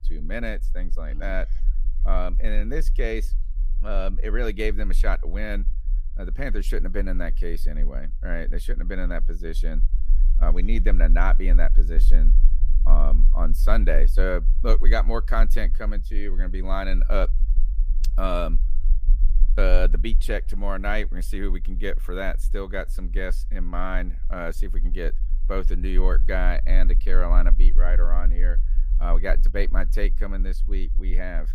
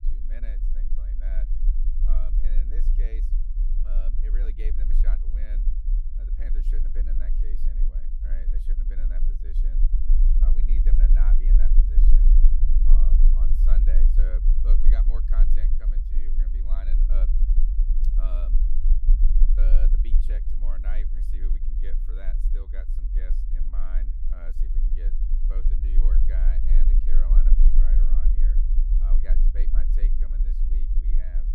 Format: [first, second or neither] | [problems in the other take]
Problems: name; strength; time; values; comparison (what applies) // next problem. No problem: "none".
first | low rumble; loud; throughout; 1 dB below the speech; faint in the first